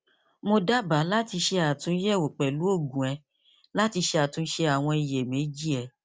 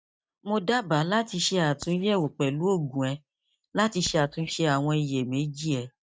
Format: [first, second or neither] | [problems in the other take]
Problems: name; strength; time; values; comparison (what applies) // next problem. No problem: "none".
first | noise reduction (neural mask model DeepFilterNet 3)